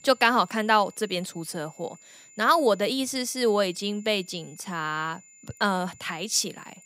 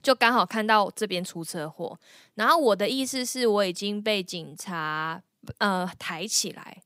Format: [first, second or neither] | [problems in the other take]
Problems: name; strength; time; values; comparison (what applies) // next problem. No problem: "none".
second | high-pitched whine; faint; throughout; 7 kHz, 25 dB below the speech